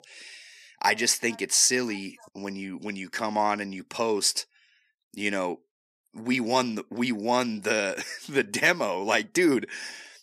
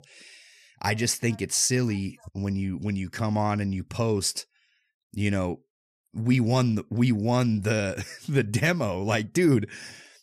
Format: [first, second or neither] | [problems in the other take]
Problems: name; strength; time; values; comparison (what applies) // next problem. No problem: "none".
second | thin; somewhat; fading below 250 Hz